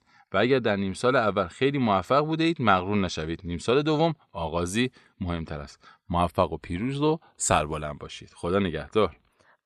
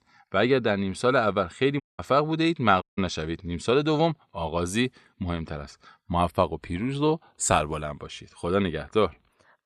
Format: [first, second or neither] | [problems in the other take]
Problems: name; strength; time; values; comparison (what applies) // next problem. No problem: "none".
first | audio cutting out; at 2 s and at 3 s